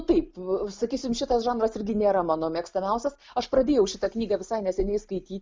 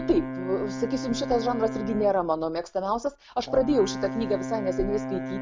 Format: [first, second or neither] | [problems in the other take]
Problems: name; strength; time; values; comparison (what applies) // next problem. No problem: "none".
first | background sound (Brass instrument); 7 dB below the speech